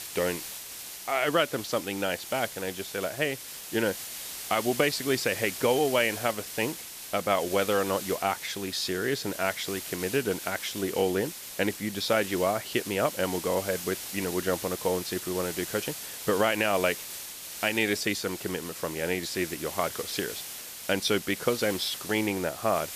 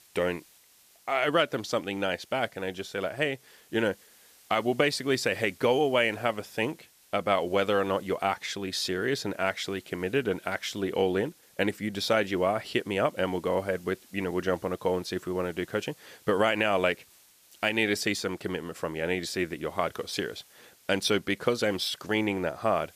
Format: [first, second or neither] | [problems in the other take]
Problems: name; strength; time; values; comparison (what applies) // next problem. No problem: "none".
second | hiss; loud; throughout; 8 dB below the speech; faint in the second